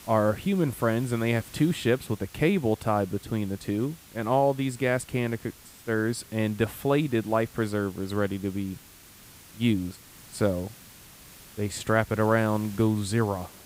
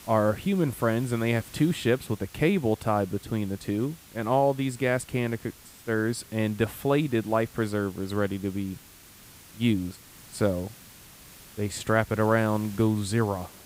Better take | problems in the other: neither | hiss; faint; throughout; 20 dB below the speech; the same in both

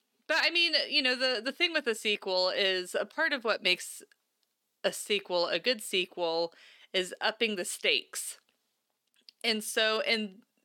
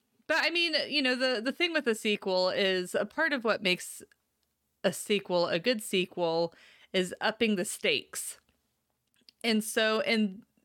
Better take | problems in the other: second | thin; very slightly; fading below 300 Hz

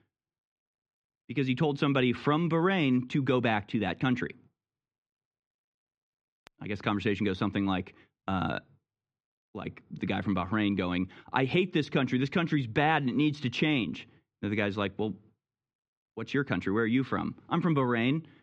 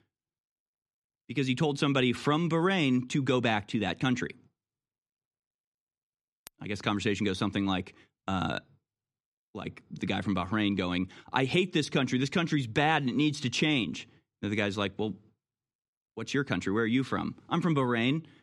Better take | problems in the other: second | muffled; slightly; fading above 3 kHz

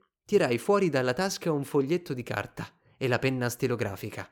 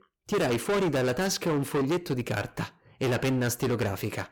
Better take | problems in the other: first | distortion; heavy; 19% of the sound clipped

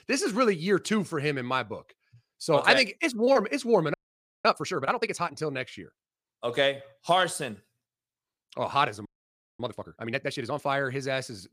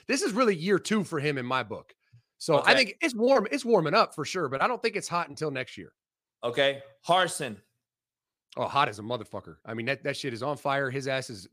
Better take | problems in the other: second | audio freezing; at 4 s for 0.5 s and at 9 s for 0.5 s

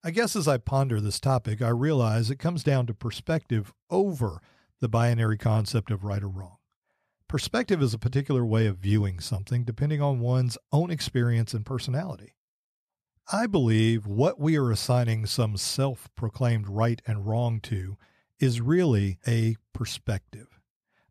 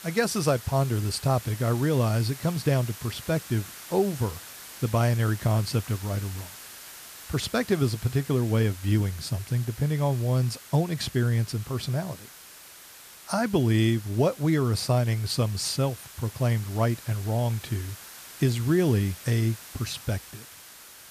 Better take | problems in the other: first | hiss; noticeable; throughout; 15 dB below the speech

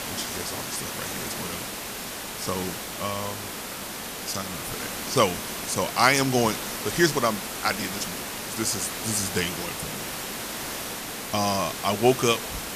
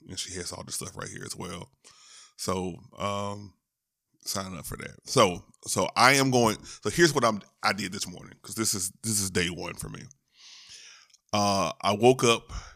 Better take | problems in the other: second | hiss; loud; throughout; 5 dB below the speech

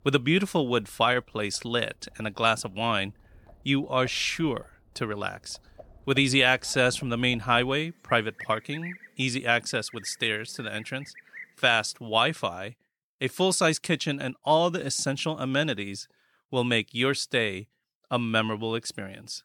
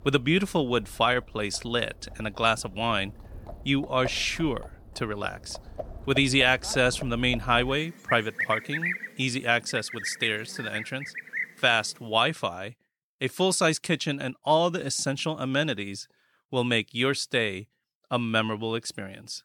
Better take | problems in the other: first | animal sounds; loud; until 12 s; 10 dB below the speech; faint in the first

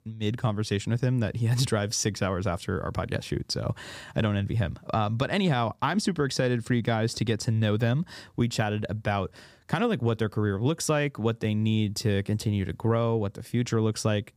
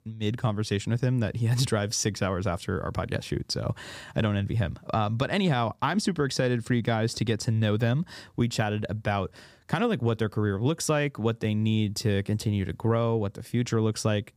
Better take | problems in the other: neither | none

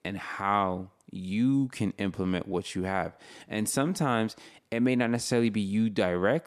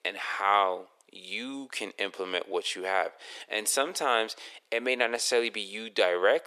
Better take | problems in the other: first | thin; very; fading below 450 Hz

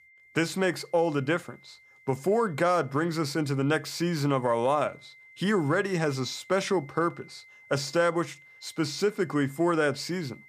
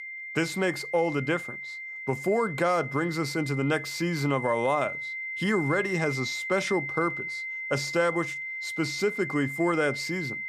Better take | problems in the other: first | high-pitched whine; loud; throughout; 2 kHz, 5 dB below the speech; faint in the first

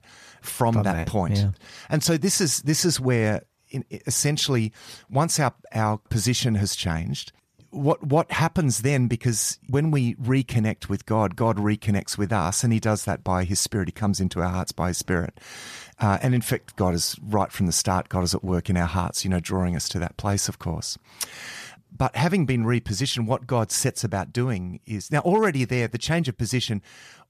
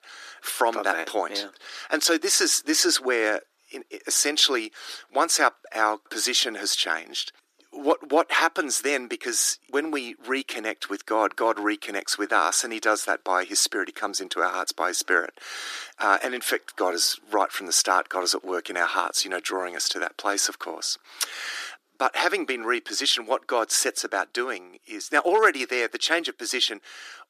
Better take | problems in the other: first | thin; very; fading below 300 Hz

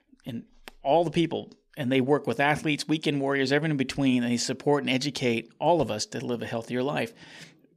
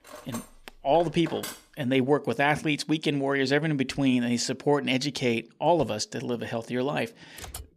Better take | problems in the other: first | clattering dishes; faint; until 1.5 s; peak 10 dB below the speech // keyboard typing; very faint; at 7.5 s; peak 15 dB below the speech

